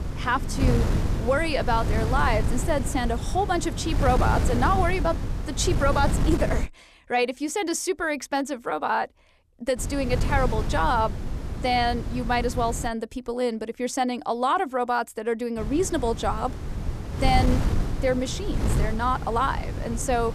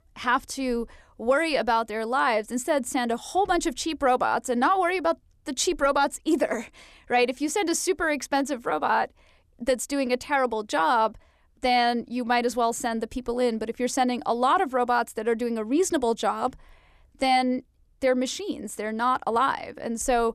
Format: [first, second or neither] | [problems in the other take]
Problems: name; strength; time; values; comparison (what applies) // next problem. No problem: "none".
second | wind noise on the microphone; occasional gusts; until 6.5 s, from 10 to 13 s and from 16 s on; 10 dB below the speech